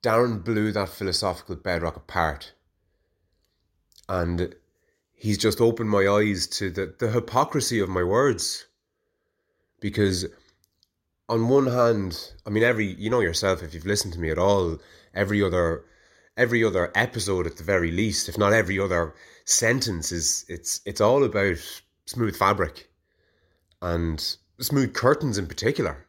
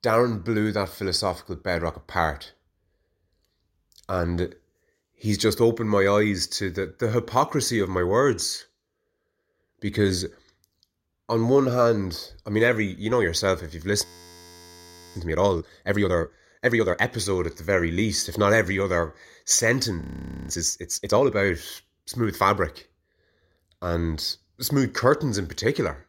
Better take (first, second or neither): first